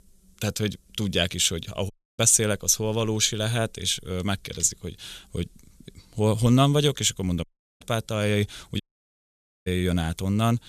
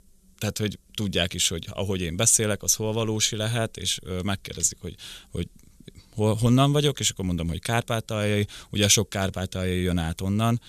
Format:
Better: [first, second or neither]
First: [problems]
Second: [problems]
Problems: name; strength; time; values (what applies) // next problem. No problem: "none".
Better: second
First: audio cutting out; at 2 s, at 7.5 s and at 9 s for 1 s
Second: none